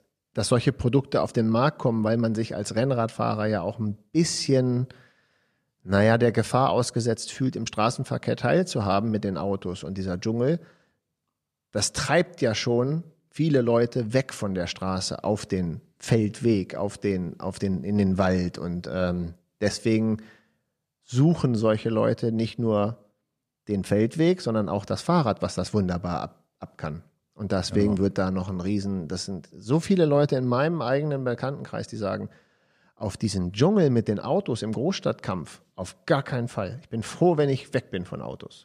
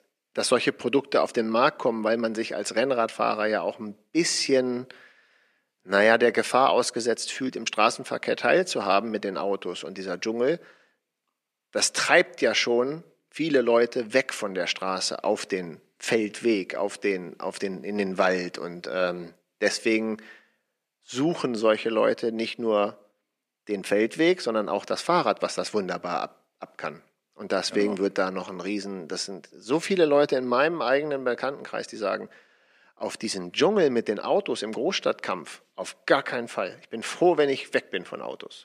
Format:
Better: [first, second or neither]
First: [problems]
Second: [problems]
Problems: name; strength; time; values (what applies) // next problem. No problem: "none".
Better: first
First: none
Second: thin; somewhat; fading below 300 Hz